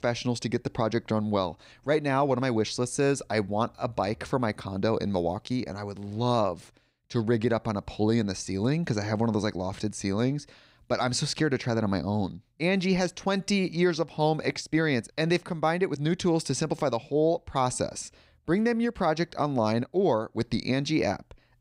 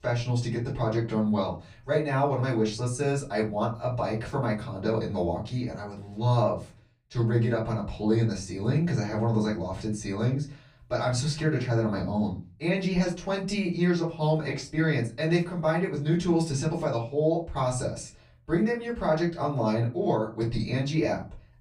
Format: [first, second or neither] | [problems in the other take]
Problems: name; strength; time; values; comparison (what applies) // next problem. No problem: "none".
first | off-mic speech; far // room echo; very slight; dies away in 0.3 s